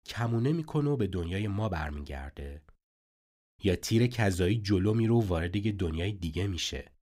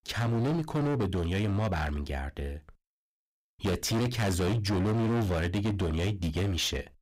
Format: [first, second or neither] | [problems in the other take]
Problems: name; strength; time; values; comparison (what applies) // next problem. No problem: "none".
first | distortion; heavy; 26% of the sound clipped